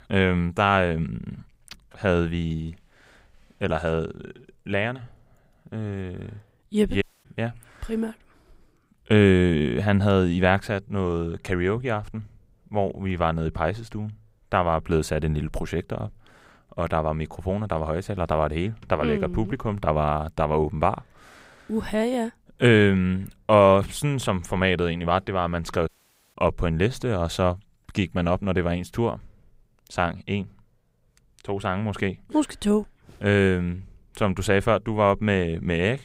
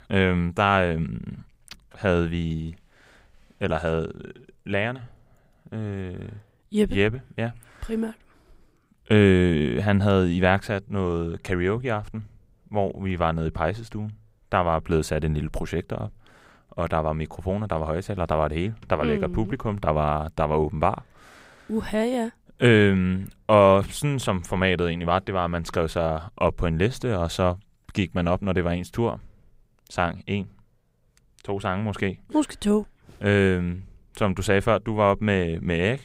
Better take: second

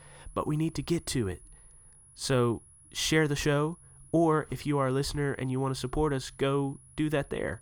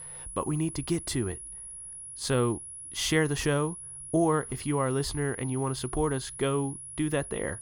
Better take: first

